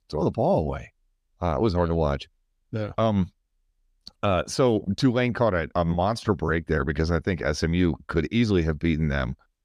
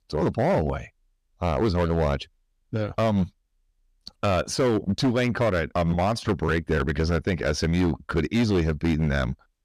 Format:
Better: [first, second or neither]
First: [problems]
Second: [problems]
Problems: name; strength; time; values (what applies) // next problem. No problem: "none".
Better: first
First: none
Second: distortion; slight; 10% of the sound clipped